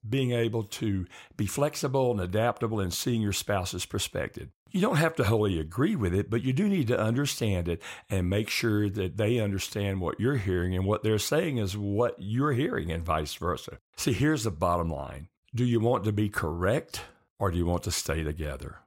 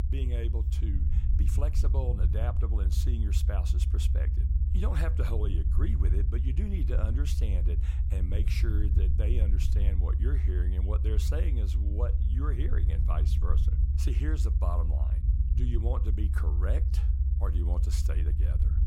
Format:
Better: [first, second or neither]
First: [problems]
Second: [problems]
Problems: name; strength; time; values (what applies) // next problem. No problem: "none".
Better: first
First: none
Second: low rumble; loud; throughout; 4 dB below the speech